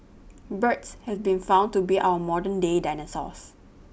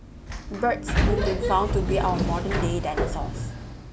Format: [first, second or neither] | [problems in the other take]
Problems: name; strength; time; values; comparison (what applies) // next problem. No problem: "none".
first | background sound (Sliding door); 2 dB above the speech // room echo; dies away in 1.6 s